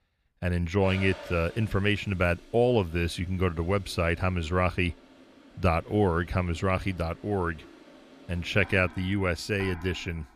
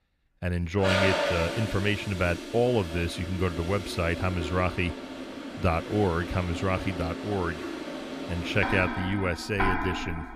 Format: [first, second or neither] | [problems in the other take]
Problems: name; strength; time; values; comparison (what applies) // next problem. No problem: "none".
first | household noises; loud; throughout; 5 dB below the speech; faint in the first